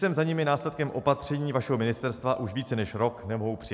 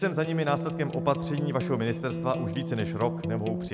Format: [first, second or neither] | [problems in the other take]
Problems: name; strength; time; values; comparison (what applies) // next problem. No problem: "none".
first | background sound (Electric guitar); 4 dB below the speech